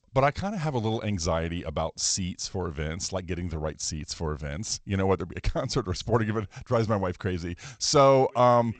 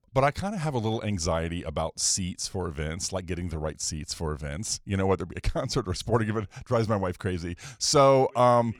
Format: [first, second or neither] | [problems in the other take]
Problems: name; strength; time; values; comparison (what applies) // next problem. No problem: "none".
second | garbled, watery; slightly; nothing above 8 kHz